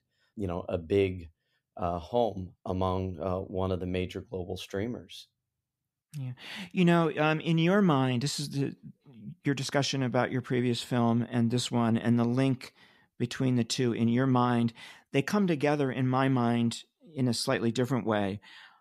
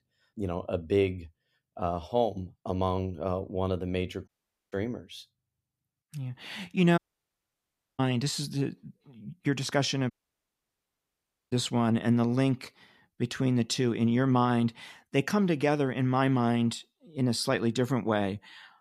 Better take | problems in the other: first | audio cutting out; at 4.5 s, at 7 s for 1 s and at 10 s for 1.5 s

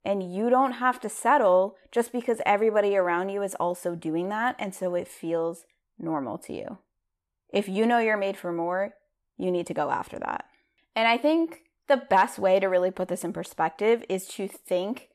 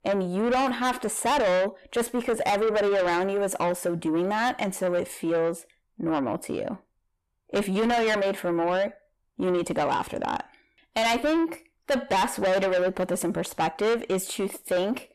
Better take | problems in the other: first | distortion; heavy; 6 dB below the speech

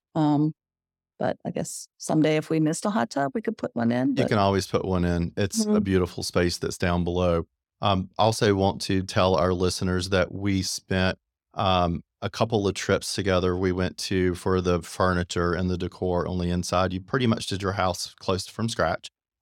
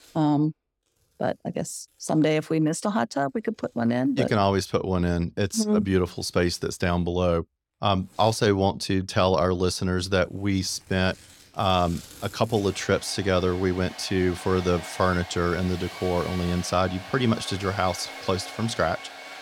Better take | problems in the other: first | household noises; noticeable; throughout; 15 dB below the speech

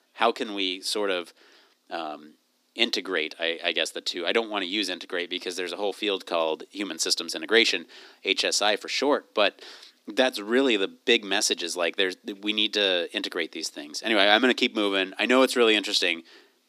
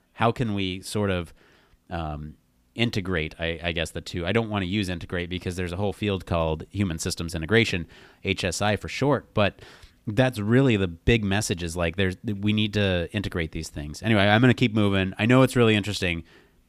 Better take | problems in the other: second | thin; somewhat; fading below 250 Hz

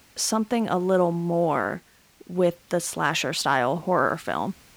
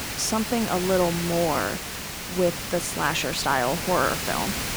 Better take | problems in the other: first | hiss; loud; throughout; 4 dB below the speech; faint in the first

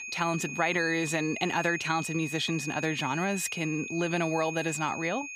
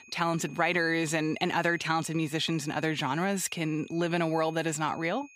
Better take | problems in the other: second | high-pitched whine; loud; throughout; 2.5 kHz, 7 dB below the speech; faint in the second

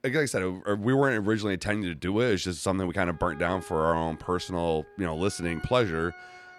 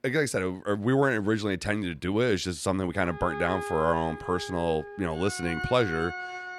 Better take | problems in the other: first | background music; loud; from 3 s on; 9 dB below the speech; faint in the first

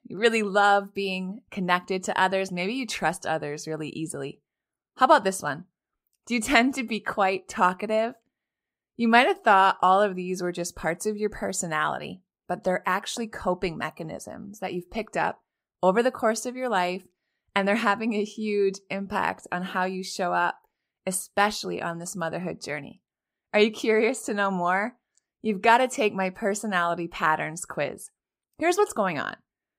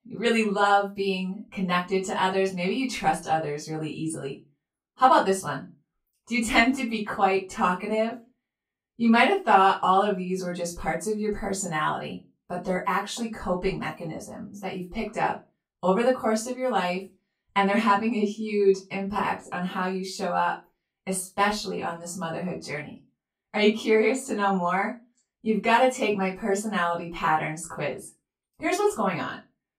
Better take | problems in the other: first | off-mic speech; far // room echo; very slight; dies away in 0.2 s

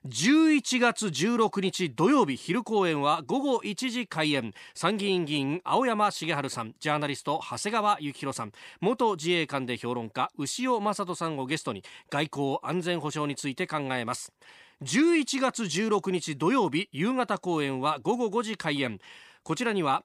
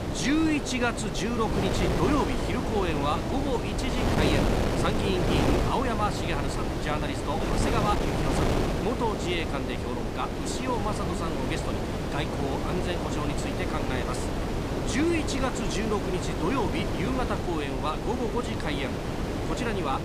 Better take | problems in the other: first | wind noise on the microphone; heavy; 1 dB below the speech

